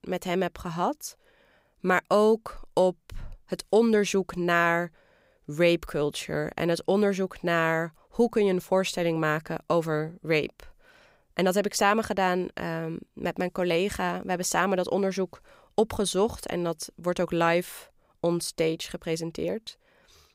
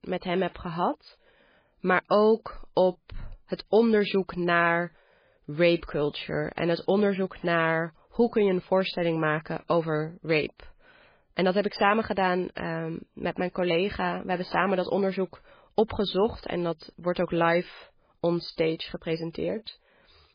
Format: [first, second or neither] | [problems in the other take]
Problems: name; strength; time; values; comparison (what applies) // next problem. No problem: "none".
first | garbled, watery; badly